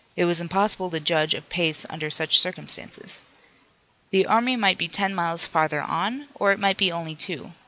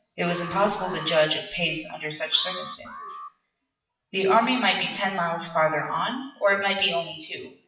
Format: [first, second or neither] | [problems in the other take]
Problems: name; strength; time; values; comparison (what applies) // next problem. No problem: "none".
first | noise reduction (classical method WPE with log-MMSE)